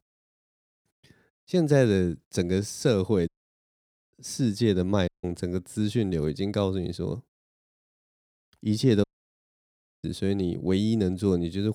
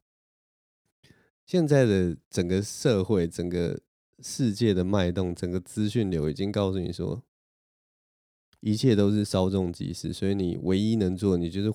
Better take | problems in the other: second | audio cutting out; at 3.5 s for 1 s, at 5 s and at 9 s for 1 s

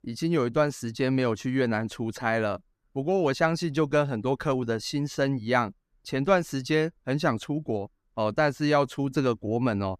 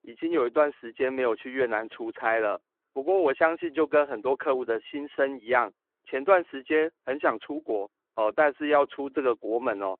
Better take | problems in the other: first | phone-call audio

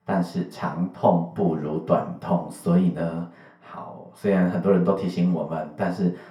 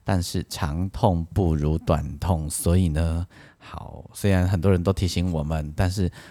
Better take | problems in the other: second | room echo; slight; dies away in 0.4 s // off-mic speech; far

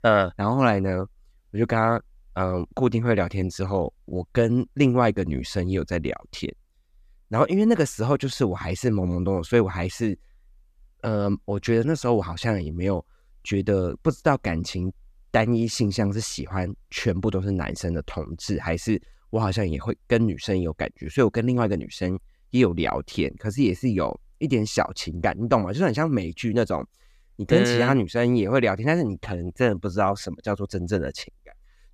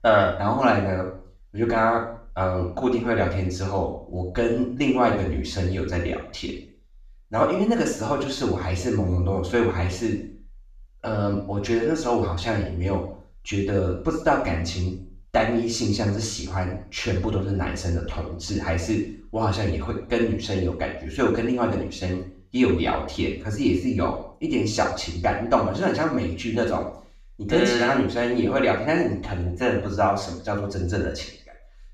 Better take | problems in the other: first | room echo; noticeable; dies away in 0.5 s // off-mic speech; far

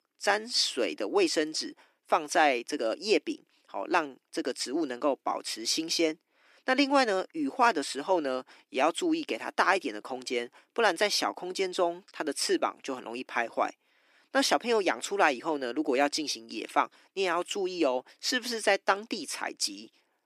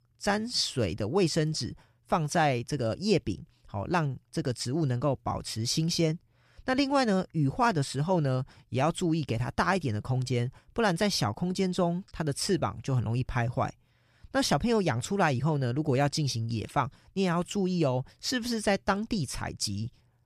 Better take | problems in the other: second | thin; somewhat; fading below 300 Hz

